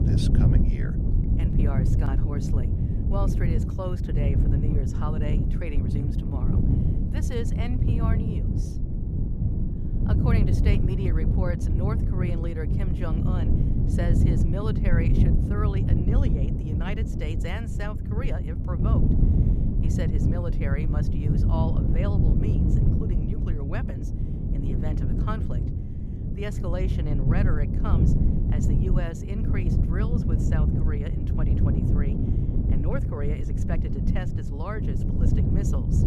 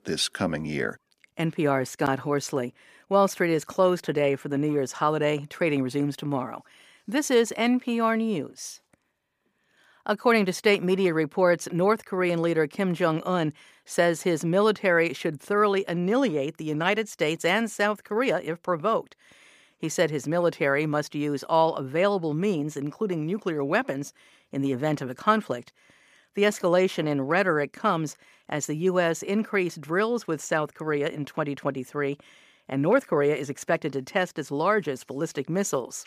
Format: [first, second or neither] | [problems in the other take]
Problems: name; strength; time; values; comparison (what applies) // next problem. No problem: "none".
second | wind noise on the microphone; heavy; 1 dB above the speech